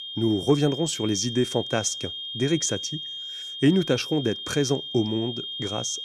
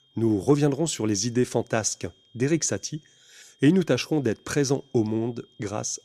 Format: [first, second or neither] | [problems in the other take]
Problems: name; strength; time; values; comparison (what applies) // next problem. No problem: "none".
second | high-pitched whine; loud; throughout; 3 kHz, 7 dB below the speech; faint in the second